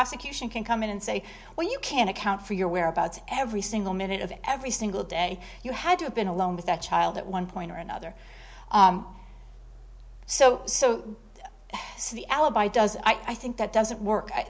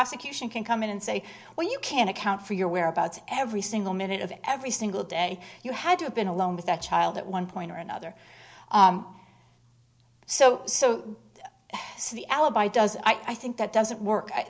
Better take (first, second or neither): second